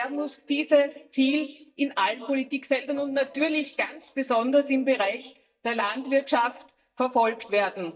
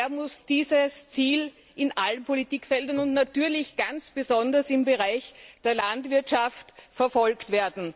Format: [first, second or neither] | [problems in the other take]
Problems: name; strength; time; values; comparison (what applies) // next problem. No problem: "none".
second | noise reduction (neural mask model DeepFilterNet 3)